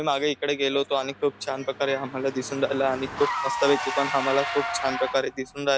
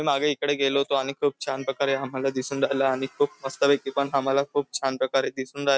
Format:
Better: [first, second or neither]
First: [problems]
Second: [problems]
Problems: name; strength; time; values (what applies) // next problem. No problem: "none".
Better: second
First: background sound (Engine / Car); 7 dB below the speech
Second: none